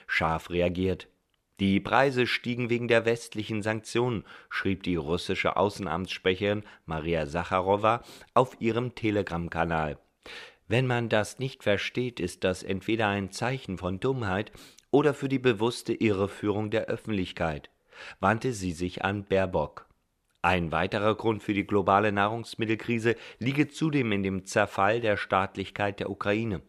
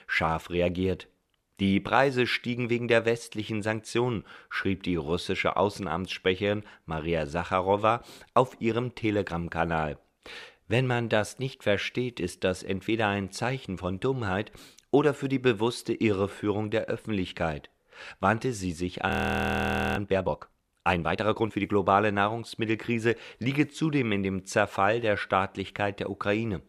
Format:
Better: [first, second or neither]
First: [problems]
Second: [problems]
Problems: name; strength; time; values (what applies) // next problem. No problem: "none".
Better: first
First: none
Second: audio freezing; at 19 s for 1 s